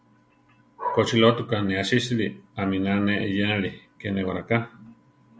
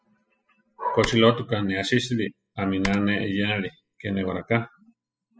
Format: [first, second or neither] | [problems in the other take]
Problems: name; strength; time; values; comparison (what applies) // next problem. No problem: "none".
first | noise reduction (classical method spectral subtraction)